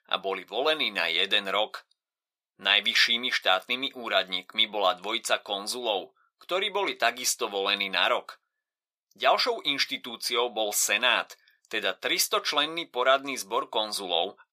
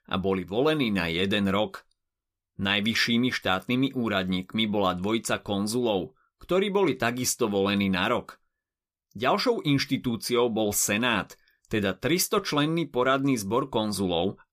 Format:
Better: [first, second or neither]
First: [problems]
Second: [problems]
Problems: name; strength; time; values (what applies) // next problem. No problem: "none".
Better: second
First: thin; very; fading below 550 Hz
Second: none